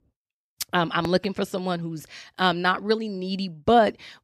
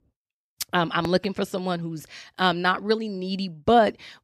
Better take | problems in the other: neither | none

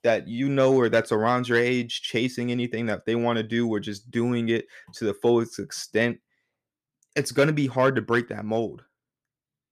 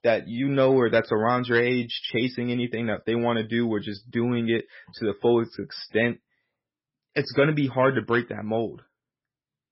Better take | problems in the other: first | garbled, watery; badly; nothing above 5.5 kHz

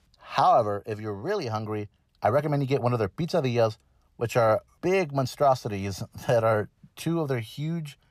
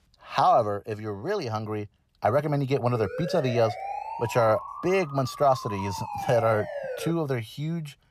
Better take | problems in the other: first | siren; noticeable; from 3 to 7 s; peak 7 dB below the speech

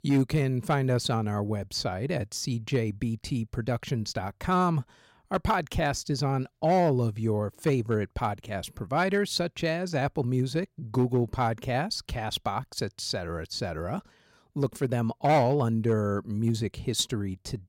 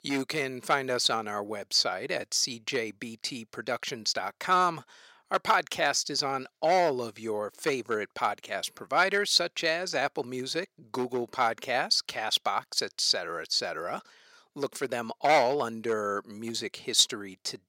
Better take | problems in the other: first | thin; somewhat; fading below 400 Hz

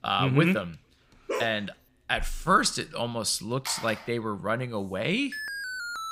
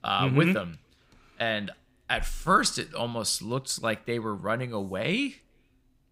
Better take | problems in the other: second | dog barking; noticeable; at 1.5 s; peak 6 dB below the speech // phone ringing; noticeable; at 3.5 s; peak 9 dB below the speech // alarm; noticeable; at 5.5 s; peak 6 dB below the speech

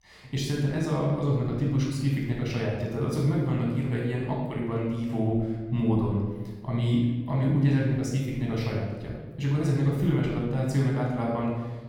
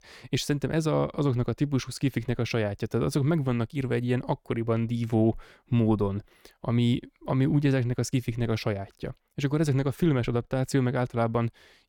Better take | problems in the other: second | off-mic speech; far // room echo; noticeable; dies away in 1.1 s

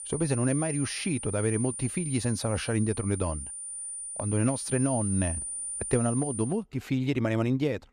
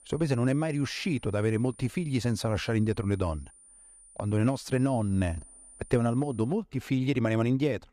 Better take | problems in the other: second | high-pitched whine; loud; until 6.5 s; 9 kHz, 5 dB below the speech; faint in the second

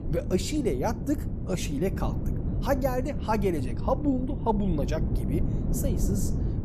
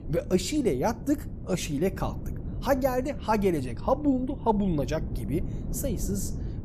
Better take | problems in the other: second | wind noise on the microphone; heavy; 9 dB below the speech; occasional gusts in the second

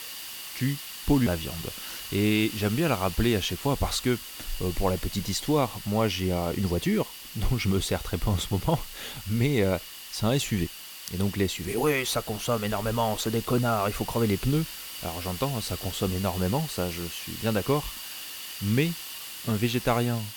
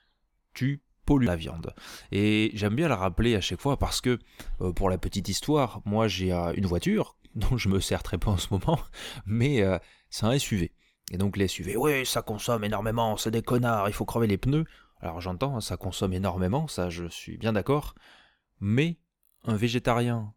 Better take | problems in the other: second | hiss; loud; throughout; 10 dB below the speech

